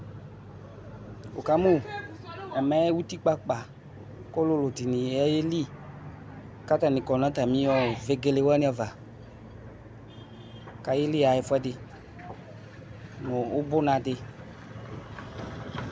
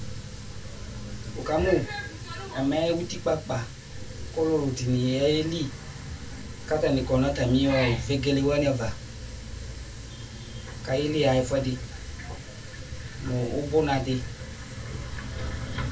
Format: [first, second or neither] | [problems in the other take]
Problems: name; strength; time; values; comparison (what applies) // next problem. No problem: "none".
first | background sound (Water tap, faucet); 20 dB below the speech // room echo; dies away in 0.2 s